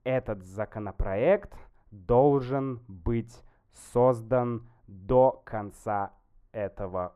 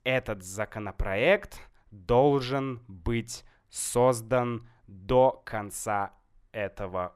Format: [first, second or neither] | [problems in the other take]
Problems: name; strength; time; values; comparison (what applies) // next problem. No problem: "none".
second | muffled; very; fading above 2 kHz